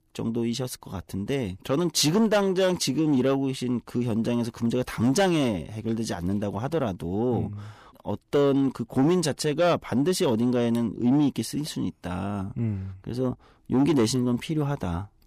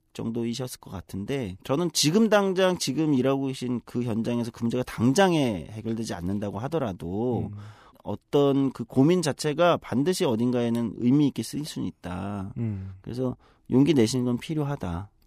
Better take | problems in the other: second | distortion; slight; 10 dB below the speech

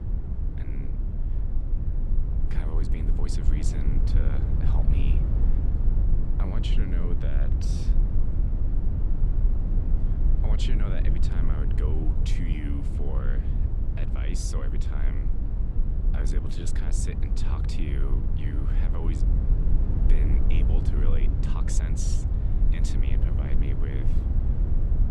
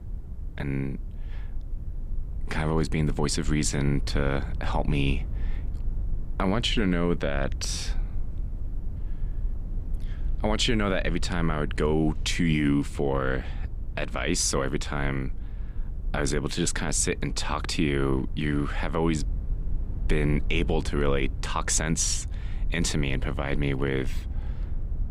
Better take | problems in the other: second | low rumble; loud; throughout; 1 dB below the speech; faint in the second

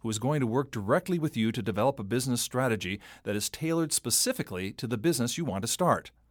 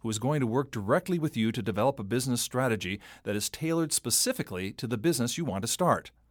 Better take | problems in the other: neither | none

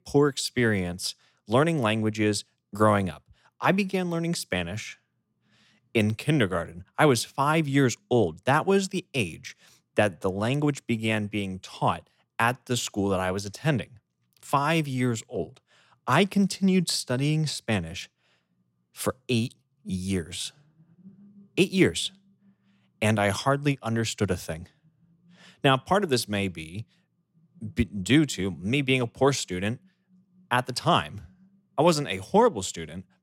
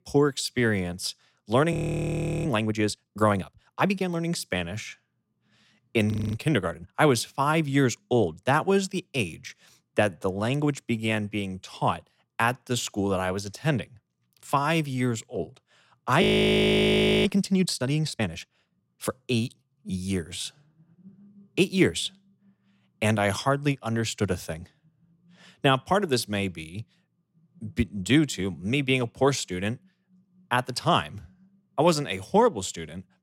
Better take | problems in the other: first | audio freezing; at 1.5 s for 0.5 s, at 6 s and at 16 s for 1 s

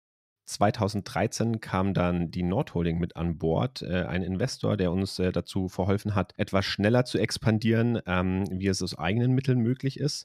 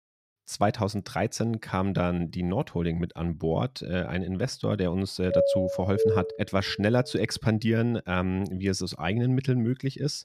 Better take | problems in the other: first | doorbell; loud; from 5.5 to 6.5 s; peak 4 dB above the speech

